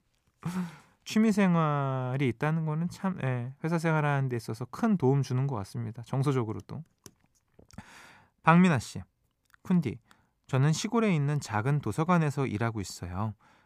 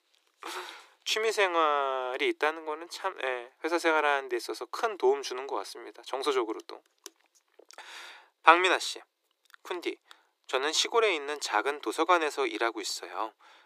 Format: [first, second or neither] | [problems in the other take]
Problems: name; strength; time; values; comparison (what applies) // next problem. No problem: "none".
first | thin; very; fading below 350 Hz